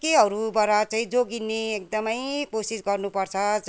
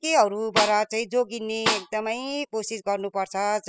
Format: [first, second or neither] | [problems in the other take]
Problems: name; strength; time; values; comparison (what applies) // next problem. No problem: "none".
first | noise reduction (classical method spectral subtraction)